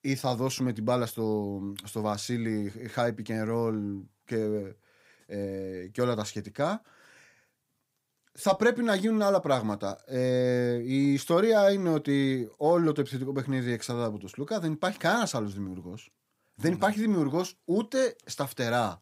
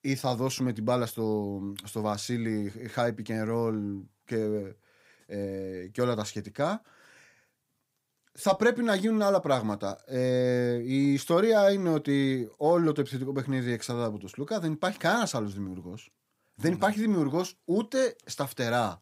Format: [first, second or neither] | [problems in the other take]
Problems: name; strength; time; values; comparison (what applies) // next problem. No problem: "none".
neither | none